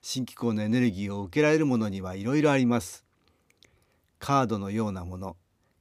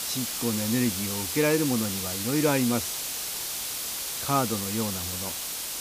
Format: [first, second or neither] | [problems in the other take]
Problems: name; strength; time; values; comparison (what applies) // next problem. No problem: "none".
first | hiss; loud; throughout; 2 dB below the speech